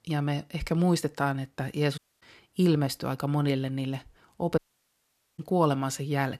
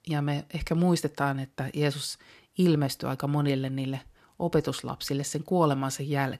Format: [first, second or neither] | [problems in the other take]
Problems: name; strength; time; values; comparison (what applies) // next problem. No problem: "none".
second | audio cutting out; at 2 s and at 4.5 s for 1 s